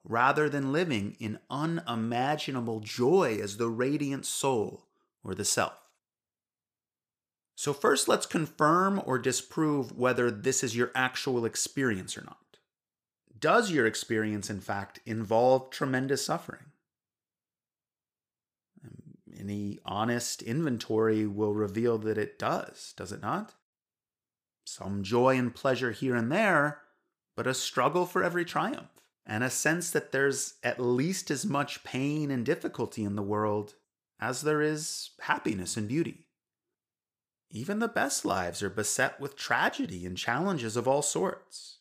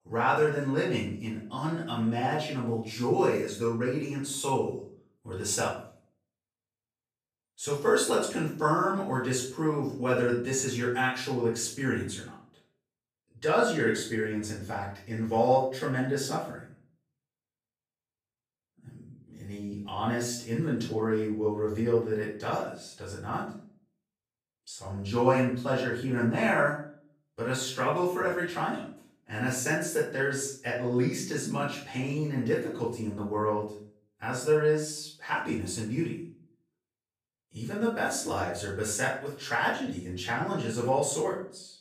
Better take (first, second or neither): first